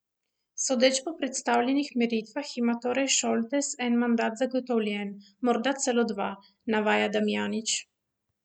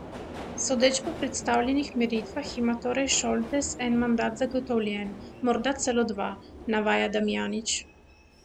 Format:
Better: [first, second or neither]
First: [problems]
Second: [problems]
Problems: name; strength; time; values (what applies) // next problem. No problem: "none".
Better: first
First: none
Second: background sound (Subway, metro, underground); 14 dB below the speech